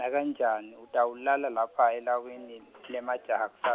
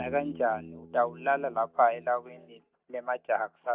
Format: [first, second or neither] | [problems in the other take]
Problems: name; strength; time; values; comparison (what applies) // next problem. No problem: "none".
first | noise reduction (neural mask model DeepFilterNet 3)